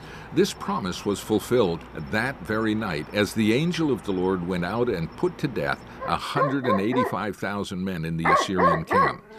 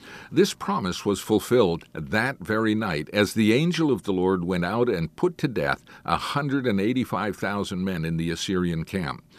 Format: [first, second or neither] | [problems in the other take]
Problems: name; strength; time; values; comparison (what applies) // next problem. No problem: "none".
second | animal sounds; very loud; throughout; 2 dB above the speech